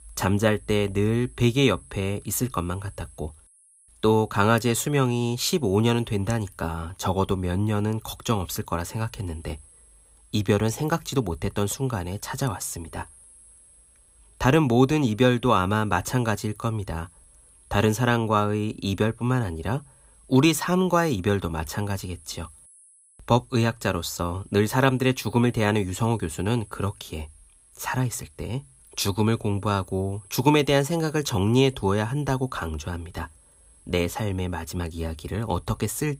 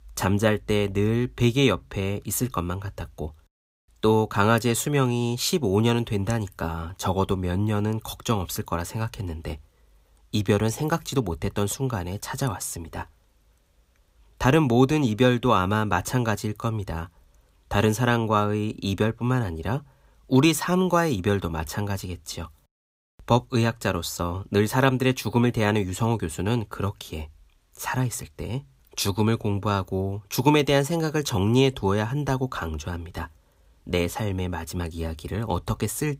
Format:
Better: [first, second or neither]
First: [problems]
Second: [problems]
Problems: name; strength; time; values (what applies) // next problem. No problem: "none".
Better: second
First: high-pitched whine; faint; throughout; 10 kHz, 25 dB below the speech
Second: none